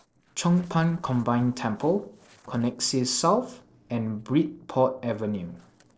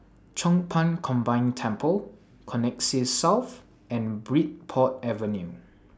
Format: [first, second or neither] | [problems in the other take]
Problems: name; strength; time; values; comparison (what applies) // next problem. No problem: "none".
second | noise reduction (neural separator model SepFormer DNS4)